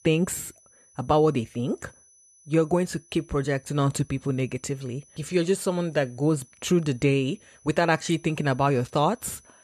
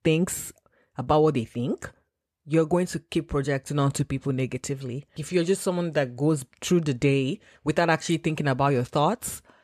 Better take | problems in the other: second | high-pitched whine; faint; throughout; 6 kHz, 30 dB below the speech

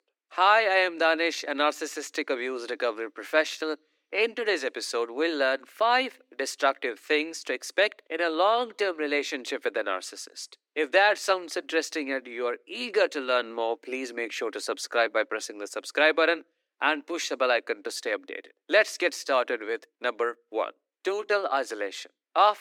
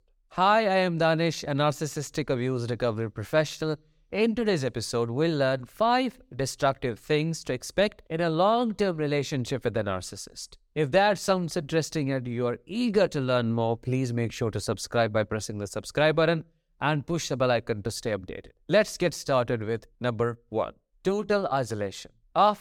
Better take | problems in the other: second | thin; somewhat; fading below 300 Hz

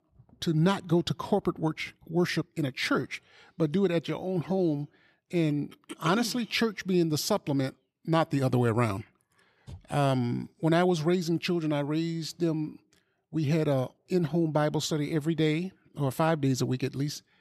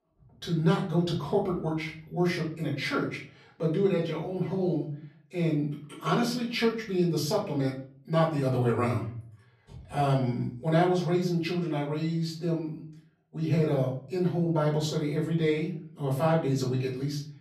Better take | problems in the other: first | off-mic speech; far // room echo; slight; dies away in 0.5 s

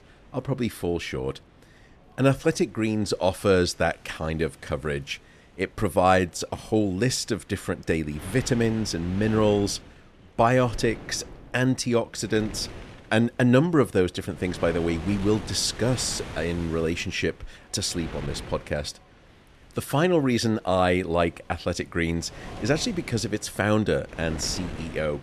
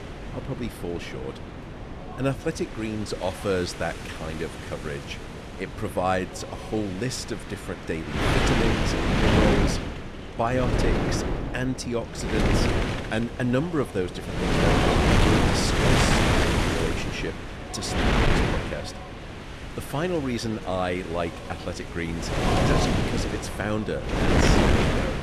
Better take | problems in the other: first | wind noise on the microphone; heavy; 5 dB above the speech; occasional gusts in the first

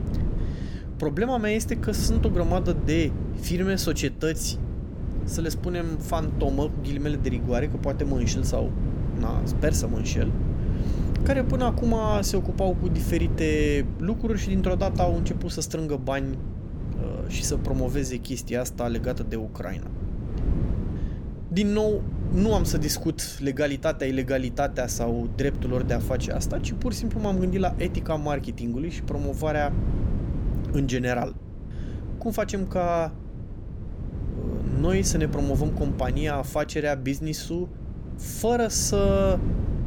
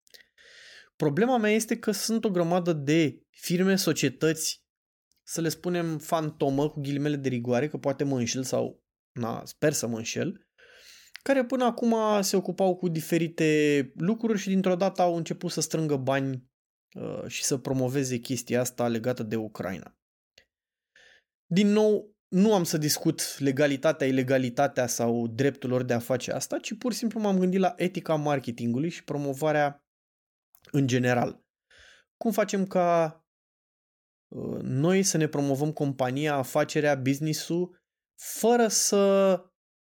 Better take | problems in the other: second | wind noise on the microphone; occasional gusts; 10 dB below the speech

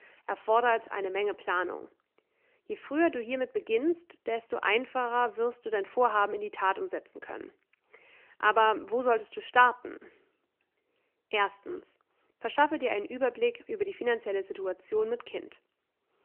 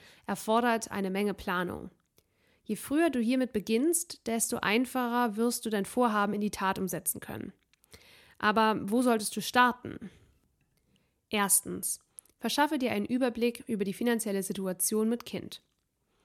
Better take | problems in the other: second | phone-call audio; nothing above 3 kHz

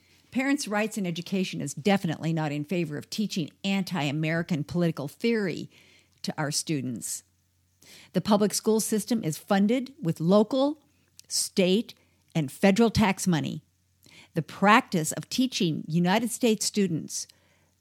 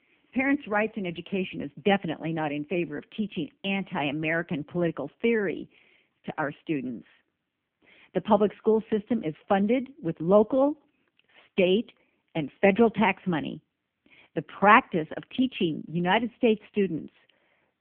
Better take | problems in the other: first | phone-call audio; poor line; nothing above 3 kHz

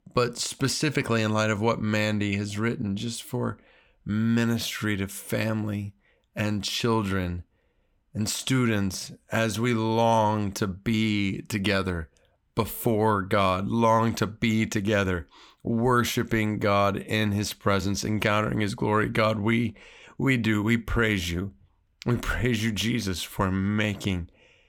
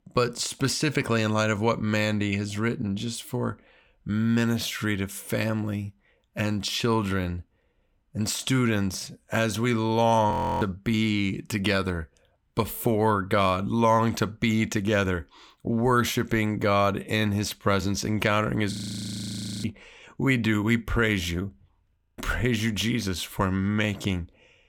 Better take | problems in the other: first | audio freezing; at 10 s, at 19 s for 1 s and at 22 s

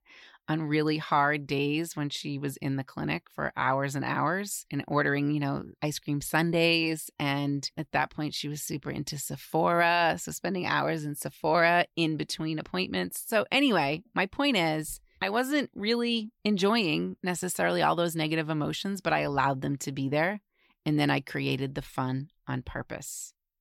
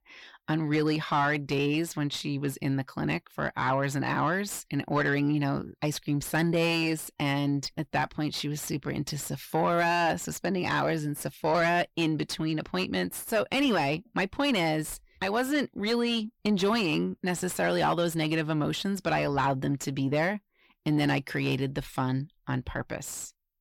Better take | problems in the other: first | distortion; slight; 10 dB below the speech

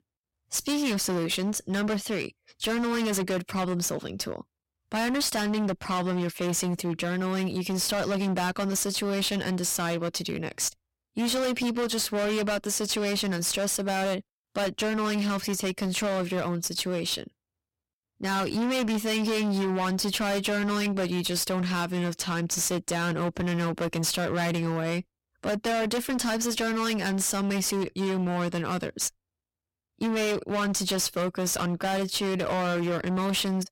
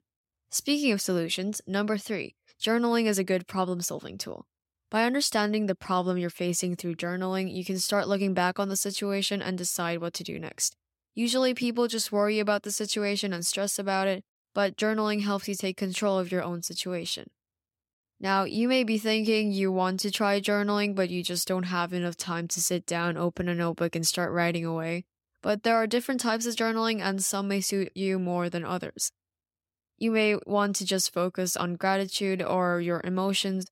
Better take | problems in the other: second | distortion; heavy; 28% of the sound clipped

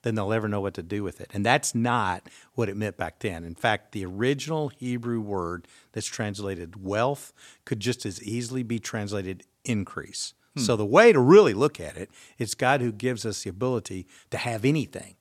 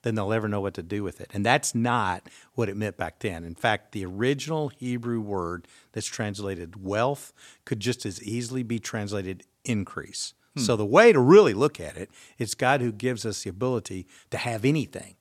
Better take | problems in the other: neither | none

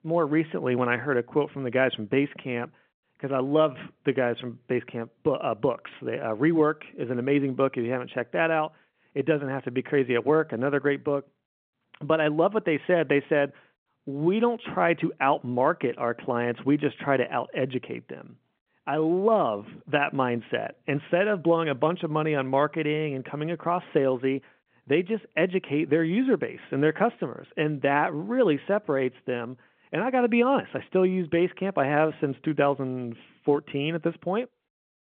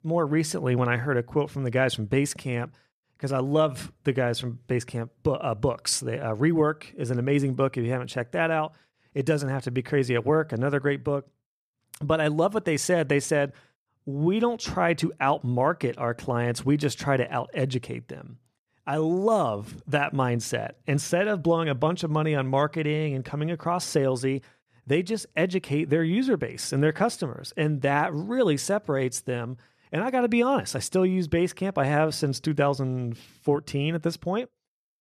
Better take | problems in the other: second | phone-call audio

